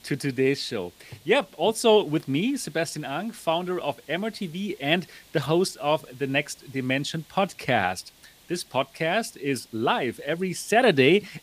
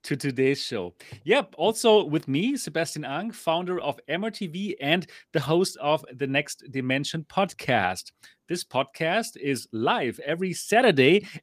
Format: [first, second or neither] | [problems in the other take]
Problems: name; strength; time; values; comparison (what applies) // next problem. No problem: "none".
second | hiss; faint; throughout; 25 dB below the speech